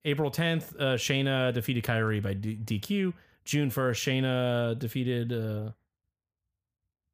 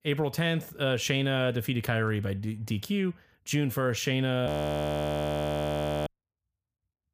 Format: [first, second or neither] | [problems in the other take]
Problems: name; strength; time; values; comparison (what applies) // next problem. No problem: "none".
first | audio freezing; at 4.5 s for 1.5 s